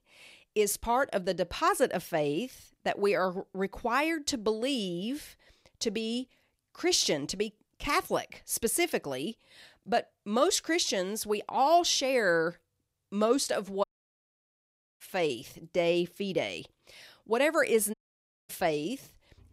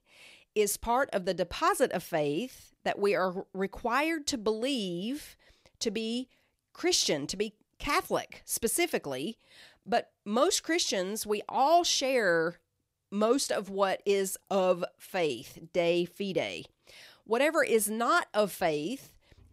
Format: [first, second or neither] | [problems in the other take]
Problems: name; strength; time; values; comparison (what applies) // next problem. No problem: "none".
second | audio cutting out; at 14 s for 1 s and at 18 s for 0.5 s